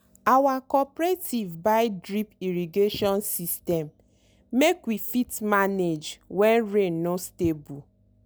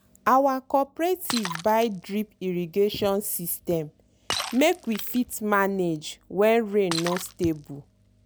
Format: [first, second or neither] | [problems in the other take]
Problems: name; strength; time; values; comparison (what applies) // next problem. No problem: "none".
first | background sound (Shatter); 14 dB below the speech